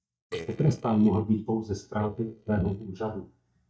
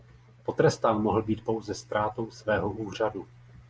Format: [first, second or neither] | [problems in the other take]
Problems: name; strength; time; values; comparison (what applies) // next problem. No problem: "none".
second | noise reduction (neural mask model DeepFilterNet 3)